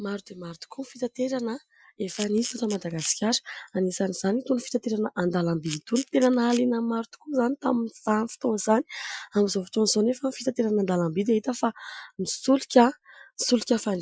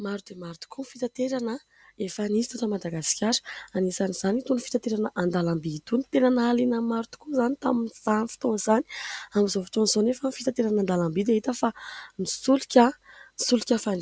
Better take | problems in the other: second | noise reduction (classical method Wiener filter)

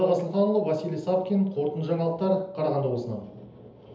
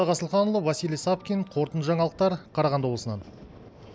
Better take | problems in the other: second | room echo; dies away in 0.7 s

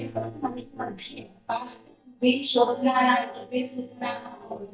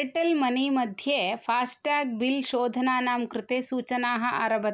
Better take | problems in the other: second | noise reduction (neural mask model DeepFilterNet 3)

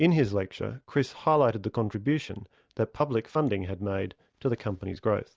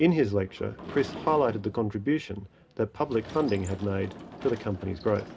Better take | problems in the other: first | background sound (Sliding door / Slam); 15 dB below the speech // room echo; dies away in 0.3 s

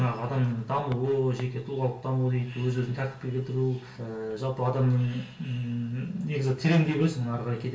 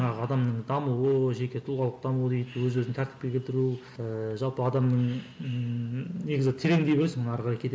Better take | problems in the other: second | background sound (Walk, footsteps); 19 dB below the speech // room echo; dies away in 0.3 s

